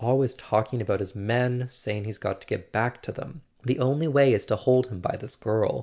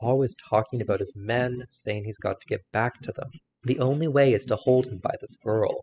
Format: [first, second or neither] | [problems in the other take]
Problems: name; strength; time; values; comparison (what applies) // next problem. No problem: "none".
first | noise reduction (classical method spectral subtraction)